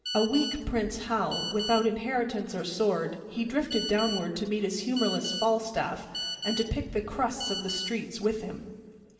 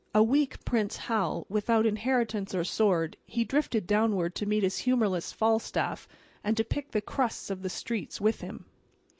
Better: second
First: background sound (Telephone); 8 dB below the speech // room echo; dies away in 2 s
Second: none

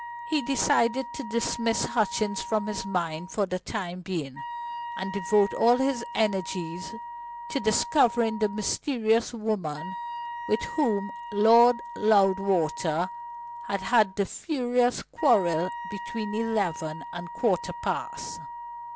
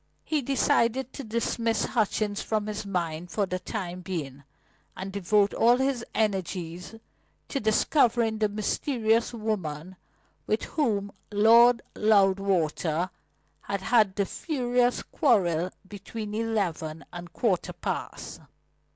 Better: second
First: background sound (Wind instrument, woodwind instrument); 11 dB below the speech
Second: none

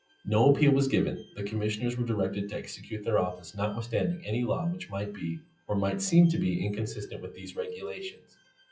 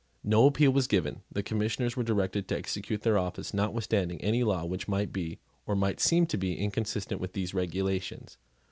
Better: second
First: noise reduction (classical method WPE with log-MMSE)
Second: none

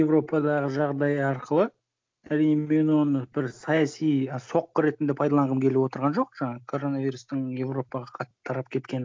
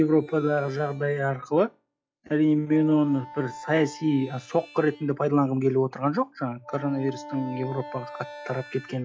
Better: first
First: none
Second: noise reduction (classical method log-MMSE)

